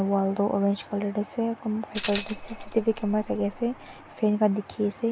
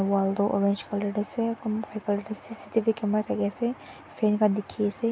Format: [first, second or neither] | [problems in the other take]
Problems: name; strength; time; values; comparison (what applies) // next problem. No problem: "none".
second | background sound (Tambourine); 13 dB below the speech